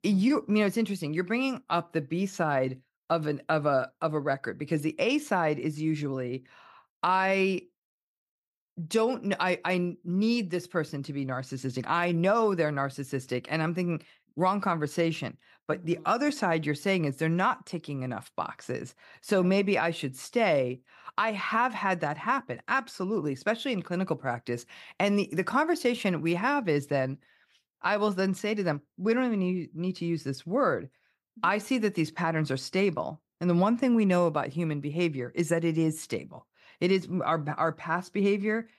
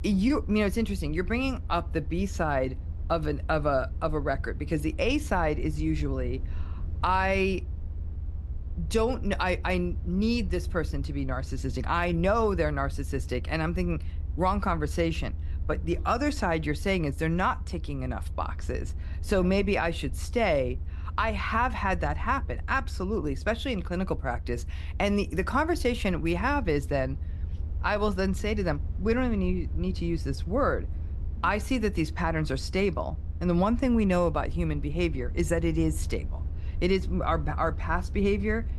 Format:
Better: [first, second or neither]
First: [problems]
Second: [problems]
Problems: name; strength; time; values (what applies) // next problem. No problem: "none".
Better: first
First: none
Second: low rumble; faint; throughout; 25 dB below the speech